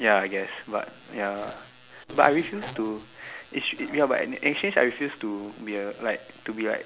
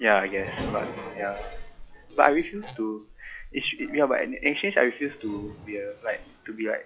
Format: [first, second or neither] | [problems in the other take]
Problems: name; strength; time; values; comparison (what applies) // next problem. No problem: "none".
first | noise reduction (classical method log-MMSE)